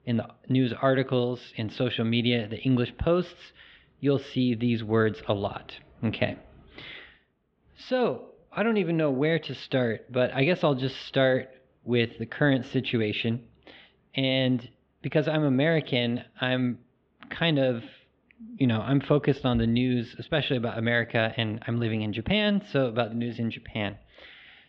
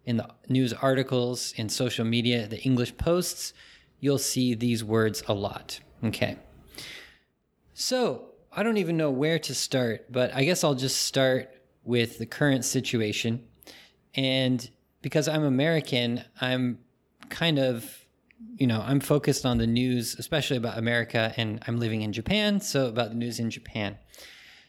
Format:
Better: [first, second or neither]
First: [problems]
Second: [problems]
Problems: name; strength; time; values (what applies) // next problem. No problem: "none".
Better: second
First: muffled; very; fading above 3.5 kHz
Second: none